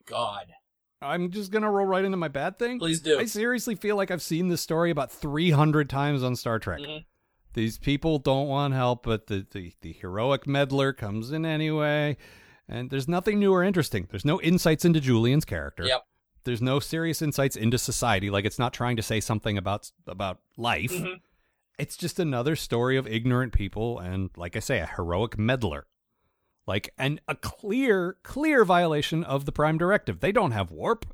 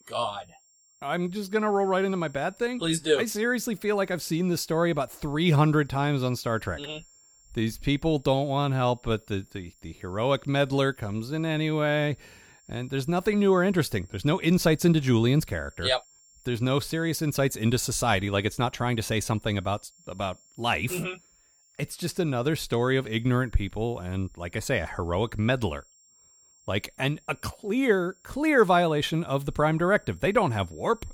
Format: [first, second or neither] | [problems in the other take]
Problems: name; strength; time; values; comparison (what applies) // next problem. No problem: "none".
first | high-pitched whine; faint; throughout; 7.5 kHz, 30 dB below the speech